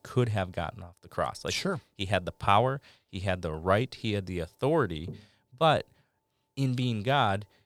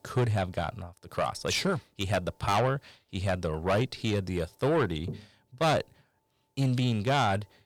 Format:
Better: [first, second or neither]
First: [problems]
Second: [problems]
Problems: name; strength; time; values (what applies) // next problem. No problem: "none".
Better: first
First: none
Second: distortion; heavy; 7 dB below the speech